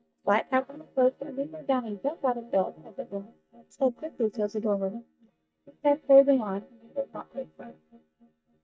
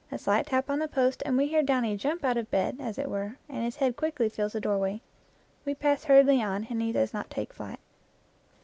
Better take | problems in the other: second | noise reduction (neural mask model DeepFilterNet 3)

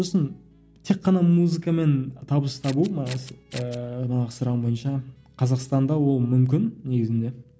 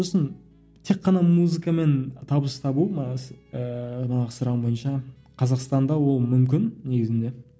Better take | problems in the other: second | background sound (Scissors); 19 dB below the speech

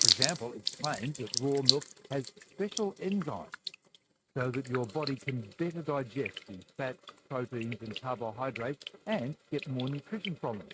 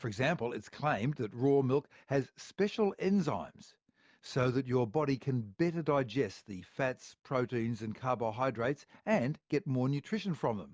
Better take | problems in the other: second | noise reduction (neural mask model RNNoise)

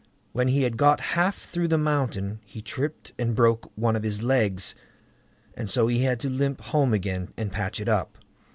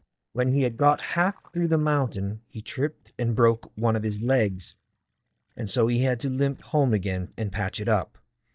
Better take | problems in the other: first | noise reduction (neural mask model DeepFilterNet 3)

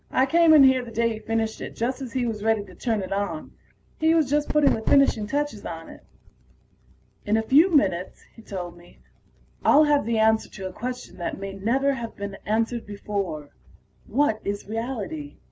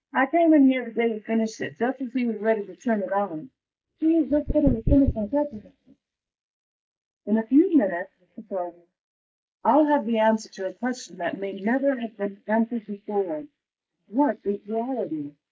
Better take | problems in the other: first | noise reduction (neural mask model Resemble Enhance denoiser)

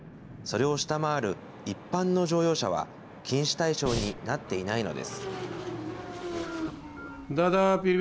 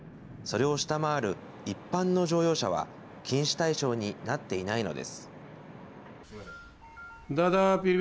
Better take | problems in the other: second | background sound (Breathing + Motorcycle / Engine); 8 dB below the speech

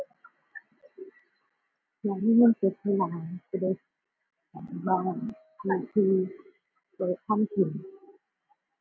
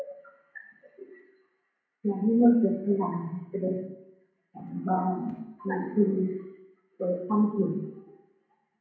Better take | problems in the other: first | room echo; dies away in 0.7 s

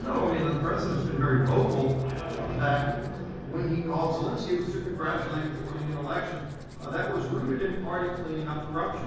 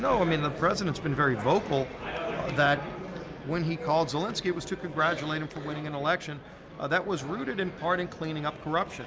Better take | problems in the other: second | background sound (Domestic sounds, home sounds); 18 dB below the speech // room echo; dies away in 1.3 s

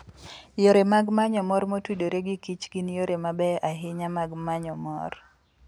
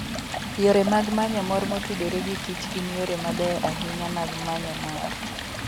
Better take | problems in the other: first | background sound (Stream); 5 dB below the speech

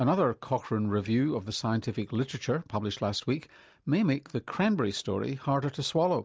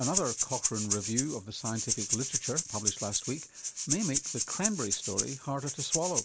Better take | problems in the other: first | background sound (Rattle (instrument)); 2 dB above the speech

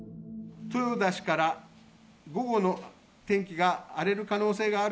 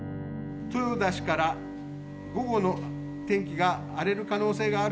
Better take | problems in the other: first | background sound (Bowed string instrument); 7 dB below the speech

